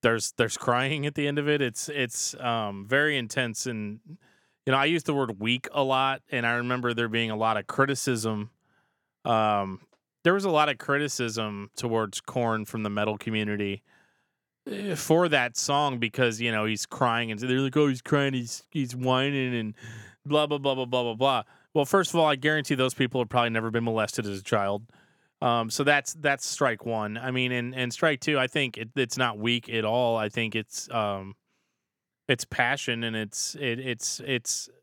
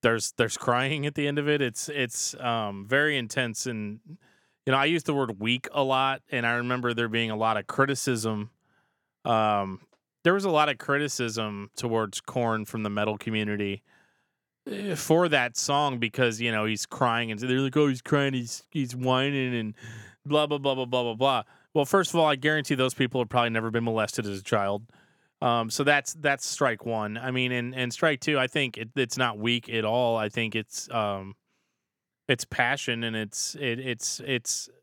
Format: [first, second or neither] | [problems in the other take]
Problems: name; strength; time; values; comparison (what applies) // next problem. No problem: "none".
neither | none